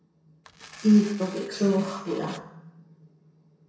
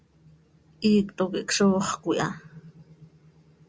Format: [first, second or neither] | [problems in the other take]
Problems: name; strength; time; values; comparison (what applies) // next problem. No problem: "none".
second | background sound (Tearing); 18 dB below the speech // room echo; dies away in 0.7 s